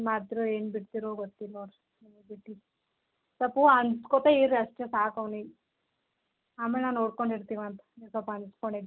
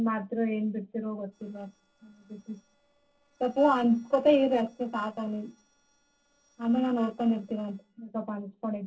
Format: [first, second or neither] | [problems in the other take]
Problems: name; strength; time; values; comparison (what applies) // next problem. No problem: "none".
first | noise reduction (neural separator model SepFormer DNS4)